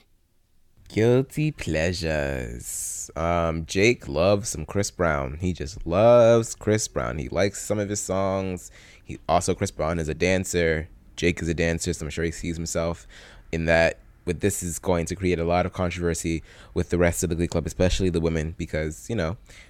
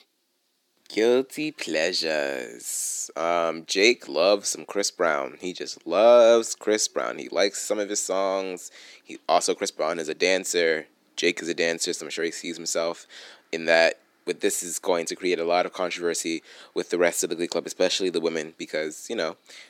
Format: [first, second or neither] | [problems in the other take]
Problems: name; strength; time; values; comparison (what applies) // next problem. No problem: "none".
first | thin; somewhat; fading below 300 Hz